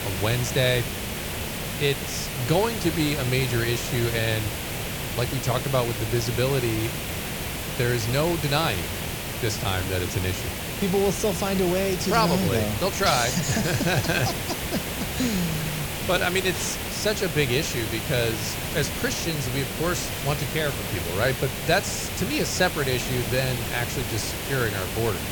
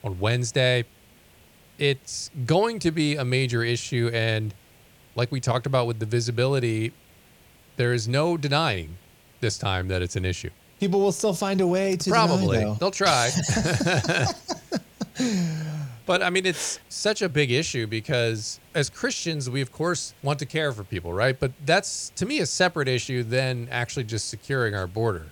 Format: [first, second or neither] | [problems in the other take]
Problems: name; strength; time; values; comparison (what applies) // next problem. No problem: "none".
second | hiss; loud; throughout; 3 dB below the speech; faint in the second